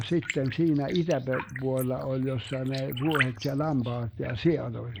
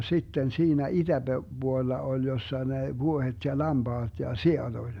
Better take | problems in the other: second | noise reduction (neural mask model Resemble Enhance denoiser)

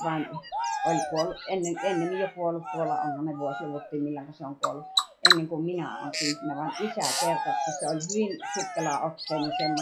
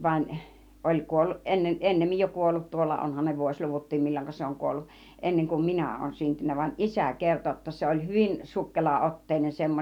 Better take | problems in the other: second | noise reduction (classical method log-MMSE)

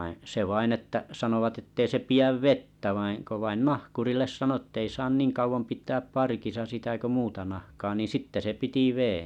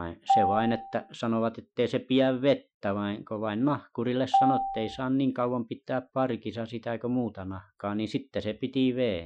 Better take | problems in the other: first | noise reduction (classical method Wiener filter)

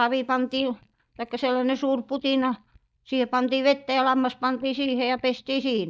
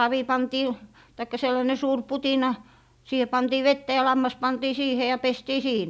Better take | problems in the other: second | noise reduction (neural mask model DeepFilterNet 3)

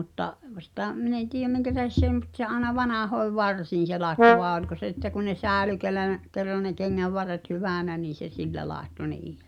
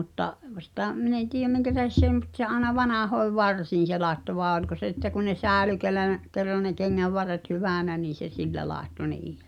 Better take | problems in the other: second | background sound (Brass instrument); 4 dB above the speech

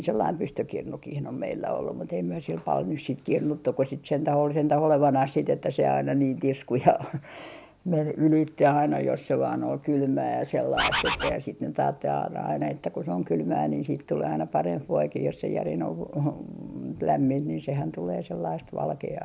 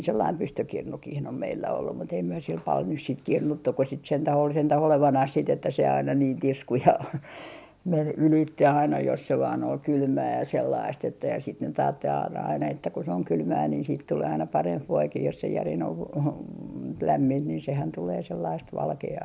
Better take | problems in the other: second | background sound (Bird); as loud as the speech

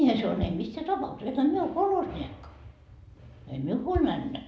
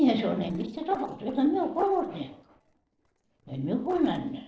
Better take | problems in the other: first | noise reduction (neural separator model SepFormer DNS4)

